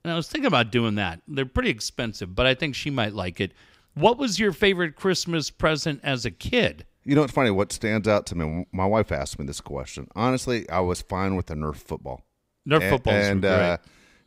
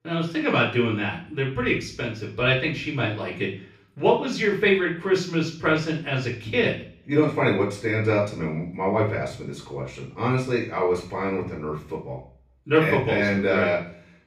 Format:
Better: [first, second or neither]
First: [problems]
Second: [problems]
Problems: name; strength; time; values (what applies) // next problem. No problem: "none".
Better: first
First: none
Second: room echo; noticeable; dies away in 0.5 s // off-mic speech; far